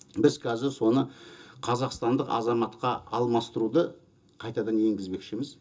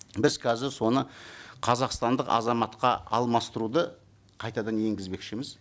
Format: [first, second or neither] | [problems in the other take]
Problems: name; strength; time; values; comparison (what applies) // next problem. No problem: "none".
second | room echo; dies away in 0.2 s